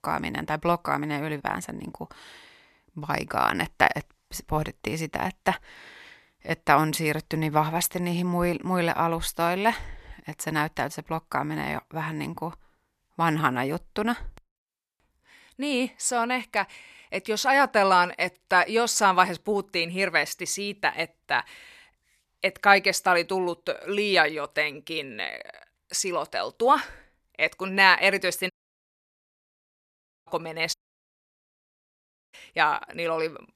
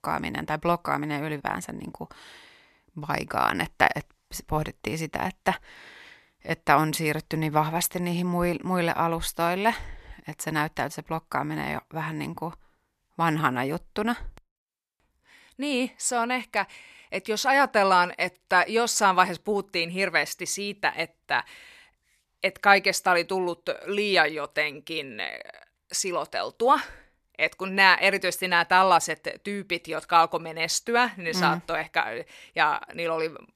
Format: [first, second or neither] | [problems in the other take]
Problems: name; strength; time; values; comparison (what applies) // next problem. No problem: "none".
second | audio cutting out; at 29 s for 2 s and at 31 s for 1.5 s